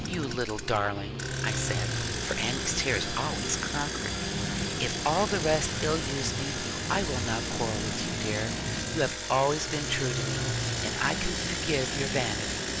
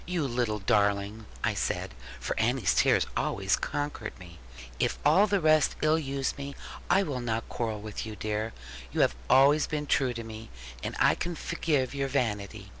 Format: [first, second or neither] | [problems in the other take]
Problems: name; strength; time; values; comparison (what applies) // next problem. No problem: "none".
second | background sound (Guitar + Engine); as loud as the speech